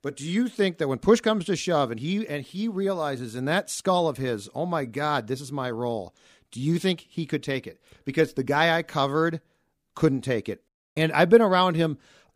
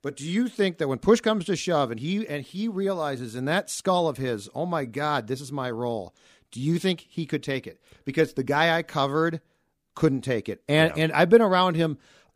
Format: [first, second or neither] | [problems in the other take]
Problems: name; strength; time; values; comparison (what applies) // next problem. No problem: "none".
second | audio cutting out; at 11 s